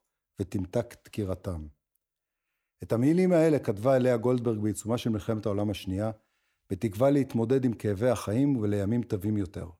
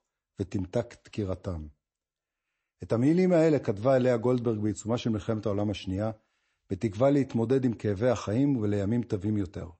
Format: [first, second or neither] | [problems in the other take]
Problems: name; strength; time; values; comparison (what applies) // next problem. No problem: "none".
first | garbled, watery; slightly; nothing above 8 kHz